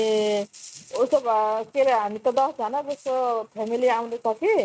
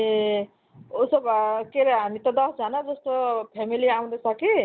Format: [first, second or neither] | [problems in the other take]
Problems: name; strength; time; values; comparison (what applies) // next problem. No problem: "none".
second | noise reduction (neural mask model RNNoise)